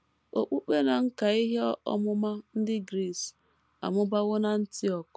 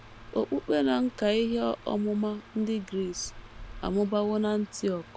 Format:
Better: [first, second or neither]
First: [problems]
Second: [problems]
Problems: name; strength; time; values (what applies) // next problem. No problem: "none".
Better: first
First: none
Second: background sound (Gull, seagull + Mechanical fan); 18 dB below the speech